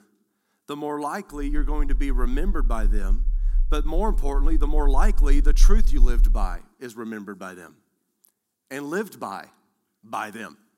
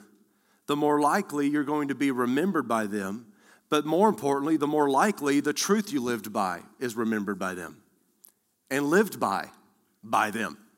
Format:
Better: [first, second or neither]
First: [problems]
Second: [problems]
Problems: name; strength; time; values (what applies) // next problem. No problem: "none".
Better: second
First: low rumble; faint; from 1.5 to 6.5 s; 20 dB below the speech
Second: none